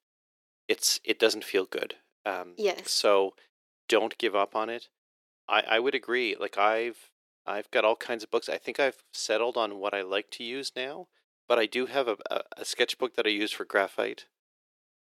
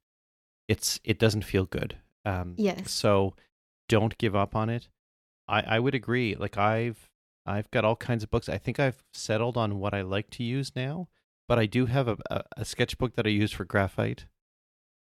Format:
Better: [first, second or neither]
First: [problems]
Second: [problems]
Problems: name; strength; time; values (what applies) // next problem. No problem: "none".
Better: second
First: thin; very; fading below 350 Hz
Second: none